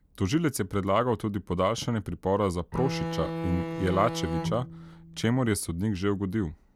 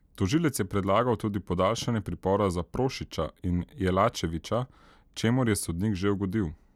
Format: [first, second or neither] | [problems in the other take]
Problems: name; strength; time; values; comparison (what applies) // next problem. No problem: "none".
second | background sound (Bowed string instrument); 5 dB below the speech